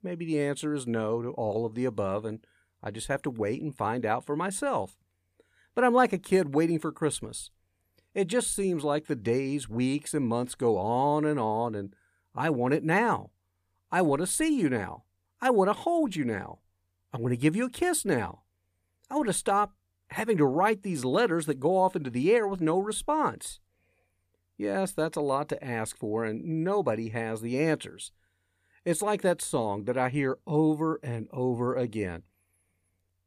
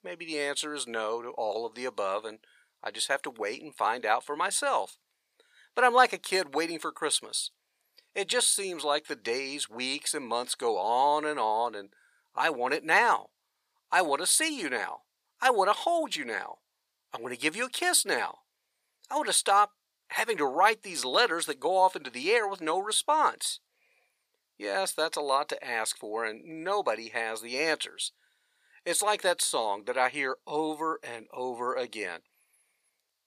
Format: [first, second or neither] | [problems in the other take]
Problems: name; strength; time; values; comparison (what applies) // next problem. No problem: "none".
first | thin; very; fading below 700 Hz